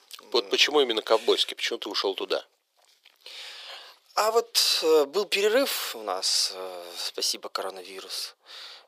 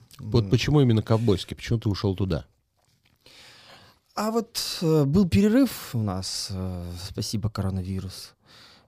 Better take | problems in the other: second | thin; very; fading below 400 Hz

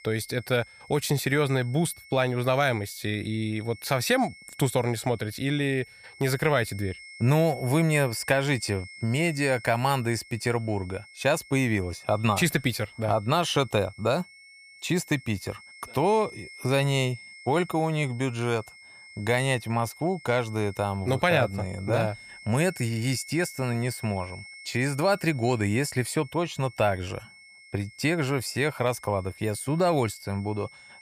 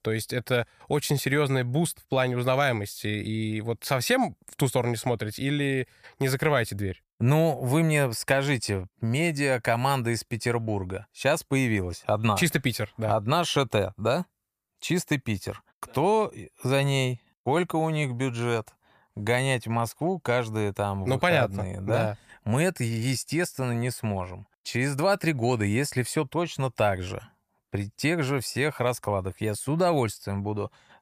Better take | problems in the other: second | high-pitched whine; noticeable; throughout; 2 kHz, 20 dB below the speech

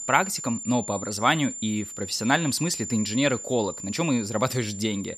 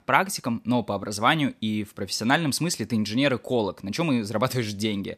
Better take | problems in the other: second | high-pitched whine; loud; throughout; 7 kHz, 8 dB below the speech

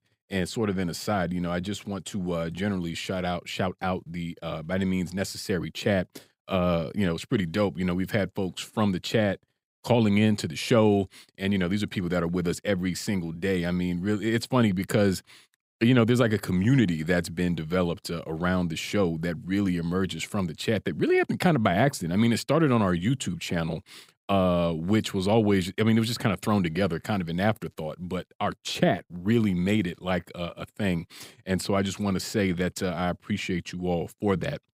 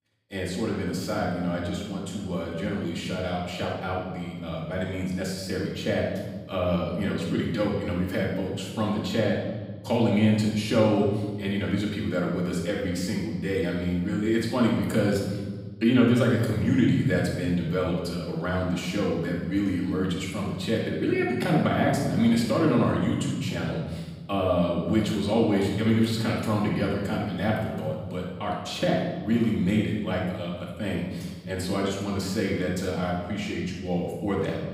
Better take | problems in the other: first | off-mic speech; far // room echo; noticeable; dies away in 1.3 s

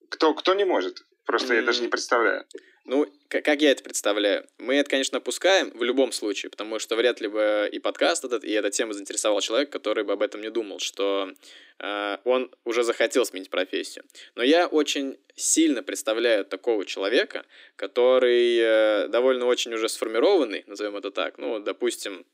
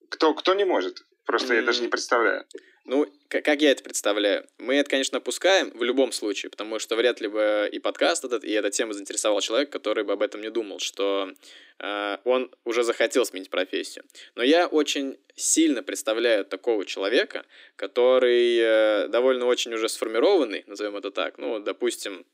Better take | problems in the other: neither | thin; somewhat; fading below 250 Hz; the same in both

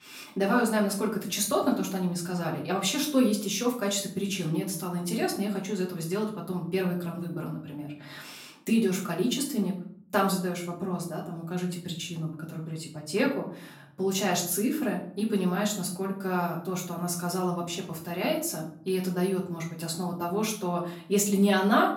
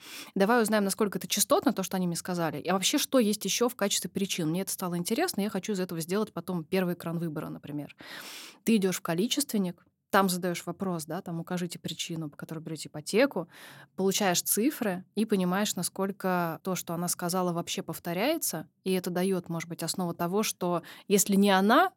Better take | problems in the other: second | off-mic speech; far // room echo; slight; dies away in 0.5 s

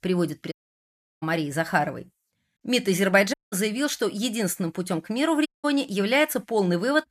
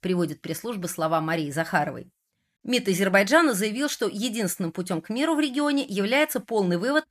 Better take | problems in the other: second | audio cutting out; at 0.5 s for 0.5 s, at 3.5 s and at 5.5 s

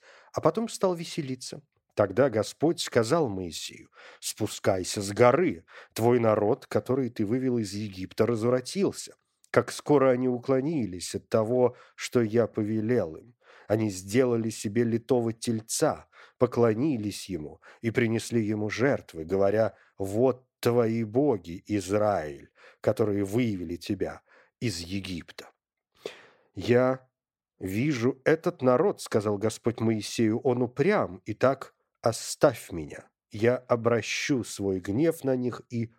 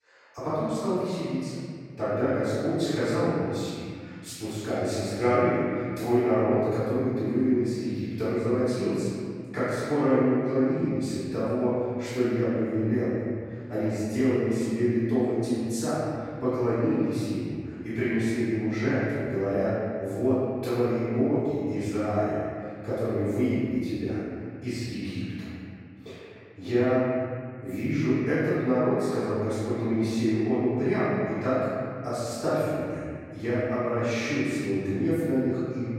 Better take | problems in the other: first | off-mic speech; far // room echo; strong; dies away in 2.4 s

